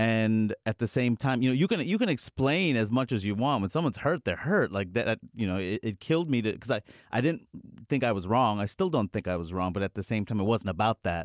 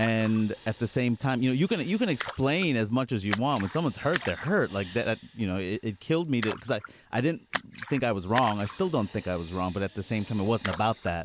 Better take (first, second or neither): first